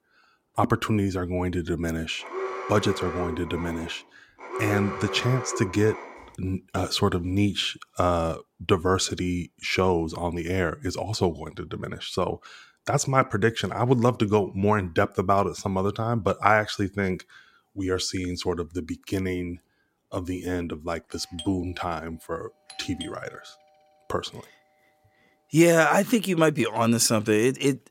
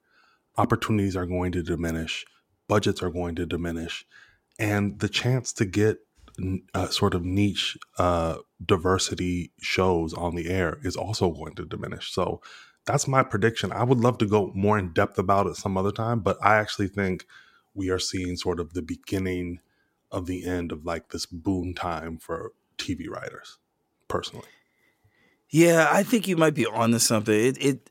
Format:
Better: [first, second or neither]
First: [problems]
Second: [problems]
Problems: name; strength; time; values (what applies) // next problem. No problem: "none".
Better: second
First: alarm; noticeable; from 2 to 6 s; peak 5 dB below the speech // doorbell; faint; from 21 to 23 s; peak 15 dB below the speech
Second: none